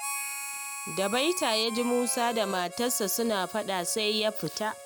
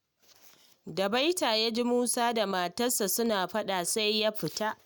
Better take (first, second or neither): second